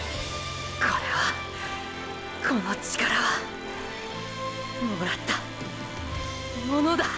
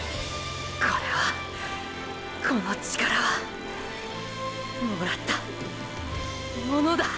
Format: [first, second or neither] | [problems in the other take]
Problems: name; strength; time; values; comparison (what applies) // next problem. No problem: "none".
first | background sound (Subway, metro, underground); 18 dB below the speech